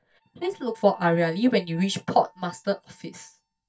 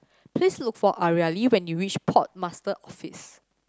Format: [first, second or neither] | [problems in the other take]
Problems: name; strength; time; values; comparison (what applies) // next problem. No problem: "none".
second | noise reduction (neural mask model DeepFilterNet 3)